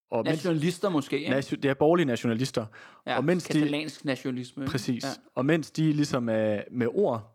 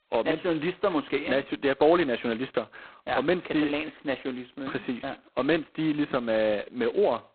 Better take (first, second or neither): first